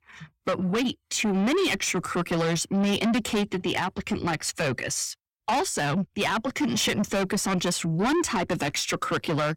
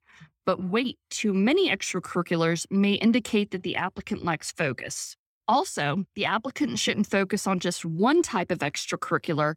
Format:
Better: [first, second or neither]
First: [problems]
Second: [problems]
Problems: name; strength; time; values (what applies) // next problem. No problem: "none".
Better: second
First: distortion; heavy; 6 dB below the speech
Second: none